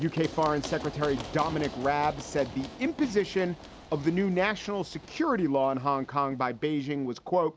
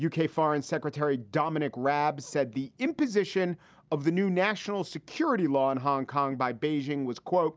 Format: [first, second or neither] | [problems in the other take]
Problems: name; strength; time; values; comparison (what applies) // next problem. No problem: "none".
second | background sound (Run); 15 dB below the speech